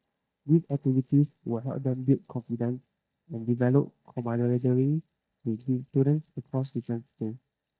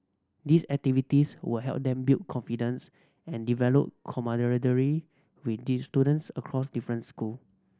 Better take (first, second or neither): second